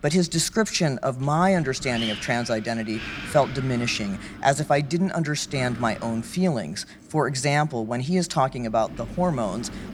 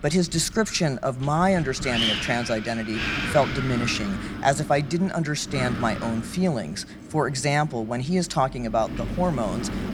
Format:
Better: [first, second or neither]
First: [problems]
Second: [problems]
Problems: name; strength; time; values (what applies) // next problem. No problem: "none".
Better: first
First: wind noise on the microphone; occasional gusts; 10 dB below the speech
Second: wind noise on the microphone; heavy; 4 dB below the speech